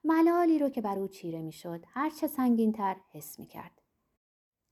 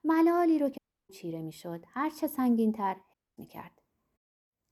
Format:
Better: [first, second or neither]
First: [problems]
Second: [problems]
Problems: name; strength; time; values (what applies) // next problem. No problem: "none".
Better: first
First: none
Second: audio cutting out; at 1 s and at 3 s